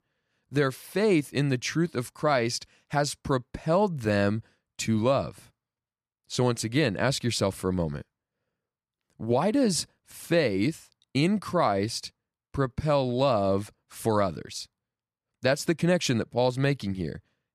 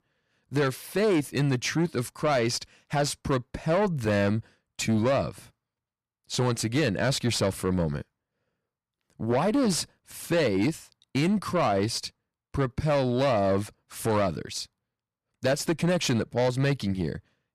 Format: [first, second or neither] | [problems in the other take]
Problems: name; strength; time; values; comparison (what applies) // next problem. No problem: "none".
first | distortion; slight; 10 dB below the speech